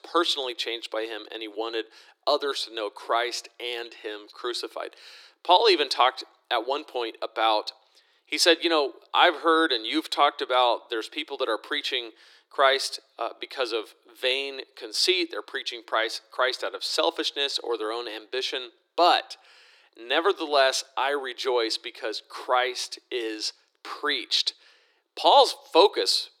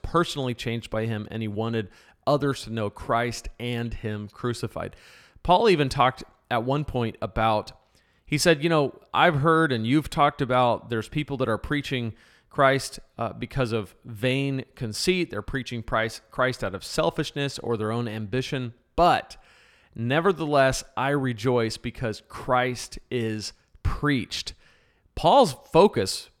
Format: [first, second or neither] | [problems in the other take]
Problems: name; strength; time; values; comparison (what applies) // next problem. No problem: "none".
second | thin; very; fading below 300 Hz